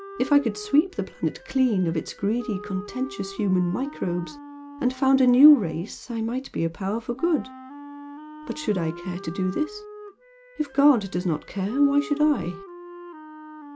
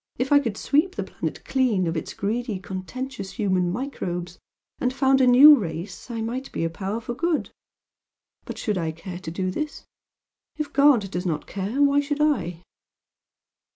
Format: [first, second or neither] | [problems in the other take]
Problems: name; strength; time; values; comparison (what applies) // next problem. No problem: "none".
second | background sound (Wind instrument, woodwind instrument); 17 dB below the speech